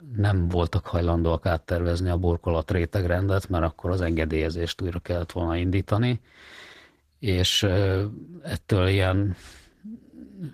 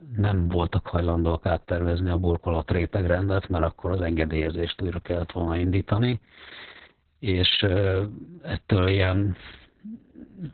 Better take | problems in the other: first | garbled, watery; badly; nothing above 4 kHz; slightly in the first

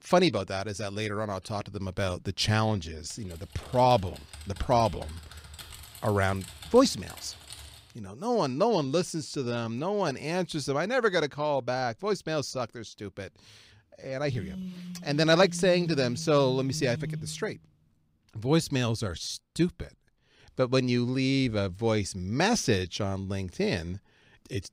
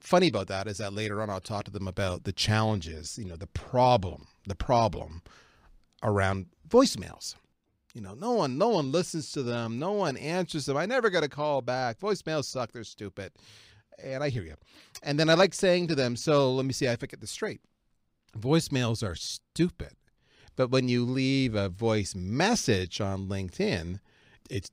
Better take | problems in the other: second | keyboard typing; faint; from 3 to 8 s; peak 15 dB below the speech // phone ringing; noticeable; from 14 to 18 s; peak 7 dB below the speech

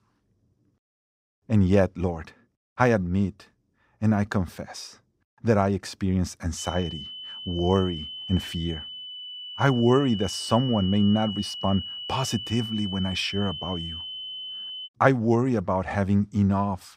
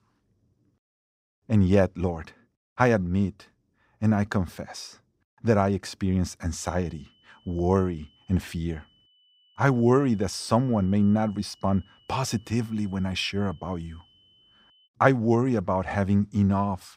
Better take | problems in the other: second | high-pitched whine; loud; from 6.5 to 15 s; 3 kHz, 9 dB below the speech; faint in the second

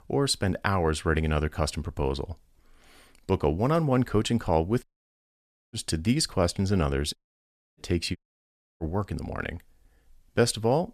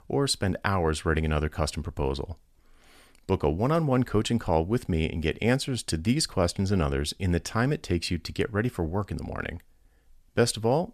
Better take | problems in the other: second | audio cutting out; at 5 s for 1 s, at 7 s for 0.5 s and at 8 s for 0.5 s

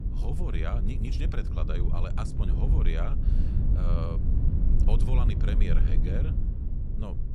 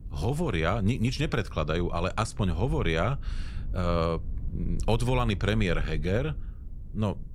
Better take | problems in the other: second | low rumble; loud; throughout; 3 dB below the speech; faint in the second

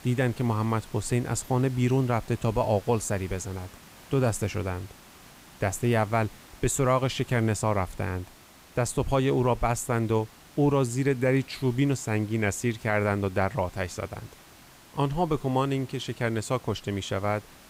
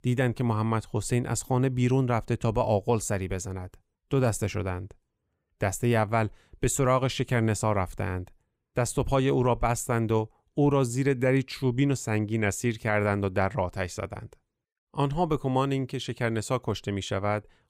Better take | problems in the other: second | hiss; faint; throughout; 20 dB below the speech

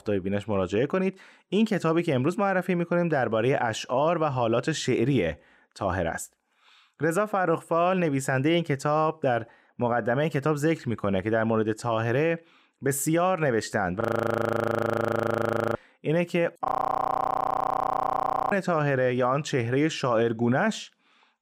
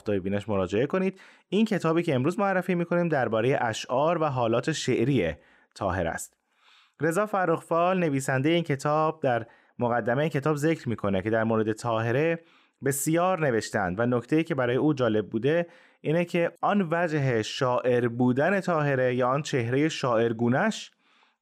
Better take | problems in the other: second | audio freezing; at 14 s for 1.5 s and at 17 s for 2 s

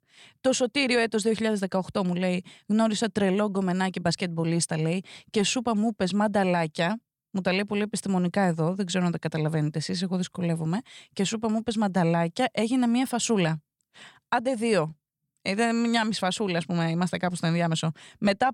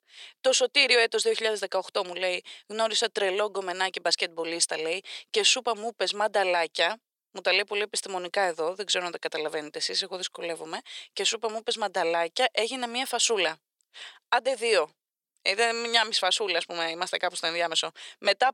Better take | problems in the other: first | thin; very; fading below 400 Hz

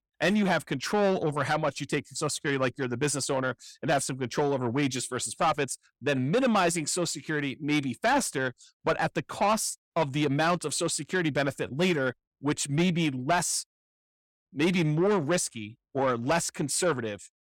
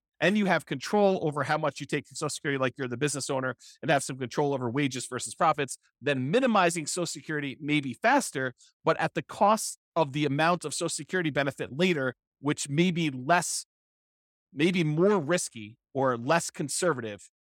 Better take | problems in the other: second | distortion; slight; 10 dB below the speech

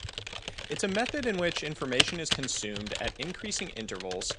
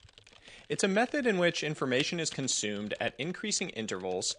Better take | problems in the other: second | household noises; loud; throughout; 1 dB below the speech; faint in the second

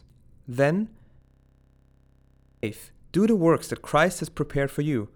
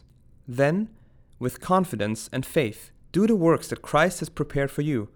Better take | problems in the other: second | audio freezing; at 1 s for 1.5 s

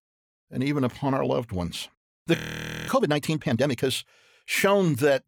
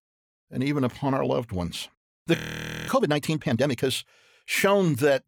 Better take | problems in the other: neither | audio freezing; at 2.5 s for 0.5 s; the same in both

